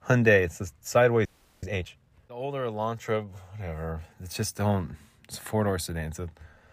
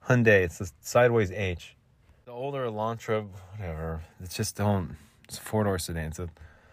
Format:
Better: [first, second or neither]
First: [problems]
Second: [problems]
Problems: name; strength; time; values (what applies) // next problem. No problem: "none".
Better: second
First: audio freezing; at 1.5 s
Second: none